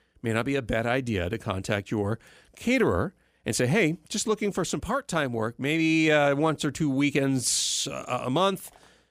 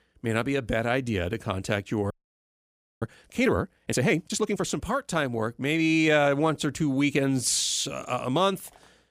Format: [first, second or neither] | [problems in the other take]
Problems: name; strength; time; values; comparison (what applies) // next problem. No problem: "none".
first | audio freezing; at 2 s for 1 s